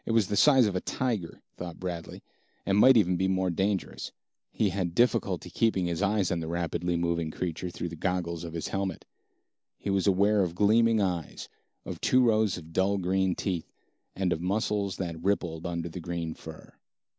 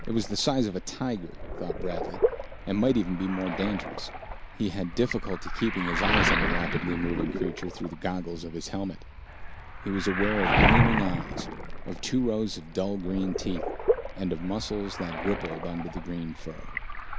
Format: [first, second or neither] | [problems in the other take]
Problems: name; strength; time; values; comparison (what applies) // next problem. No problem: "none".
first | background sound (Waves, surf); as loud as the speech